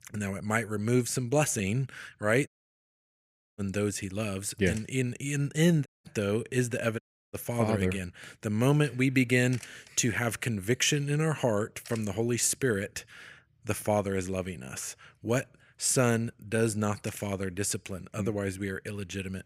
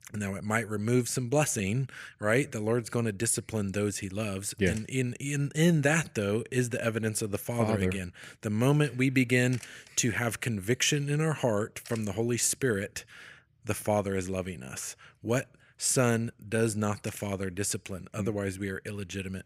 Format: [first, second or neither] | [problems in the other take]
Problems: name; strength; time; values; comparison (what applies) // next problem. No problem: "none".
second | audio cutting out; at 2.5 s for 1 s, at 6 s and at 7 s